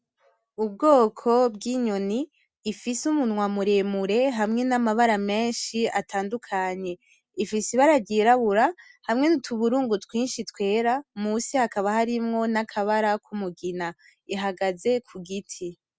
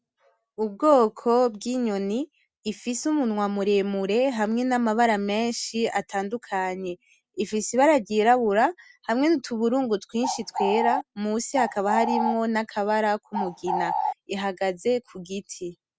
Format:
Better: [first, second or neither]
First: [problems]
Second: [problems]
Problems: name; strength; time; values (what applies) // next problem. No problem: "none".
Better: first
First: none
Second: background sound (Bird); 2 dB below the speech